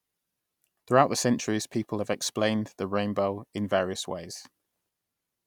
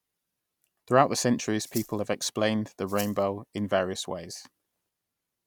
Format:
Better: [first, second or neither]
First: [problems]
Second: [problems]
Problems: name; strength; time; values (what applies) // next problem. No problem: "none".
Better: first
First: none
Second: background sound (Rattle (instrument)); 14 dB below the speech